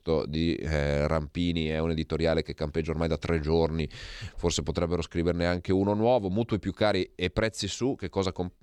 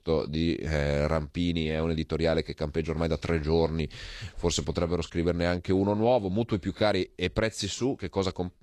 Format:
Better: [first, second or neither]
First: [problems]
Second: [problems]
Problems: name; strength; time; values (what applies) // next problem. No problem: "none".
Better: first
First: none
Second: garbled, watery; slightly; nothing above 11.5 kHz